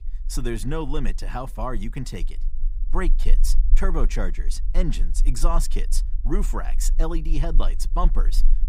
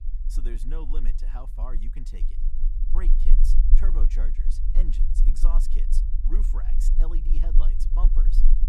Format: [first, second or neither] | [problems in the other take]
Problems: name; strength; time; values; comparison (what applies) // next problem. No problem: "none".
first | low rumble; loud; throughout; 6 dB below the speech; faint in the first